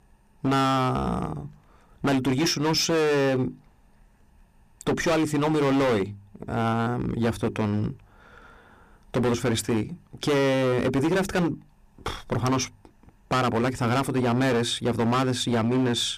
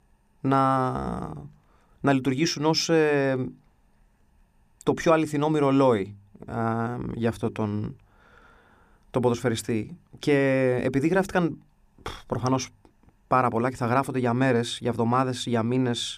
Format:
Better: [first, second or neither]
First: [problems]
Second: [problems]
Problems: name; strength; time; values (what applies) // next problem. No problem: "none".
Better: second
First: distortion; heavy; 17% of the sound clipped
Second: none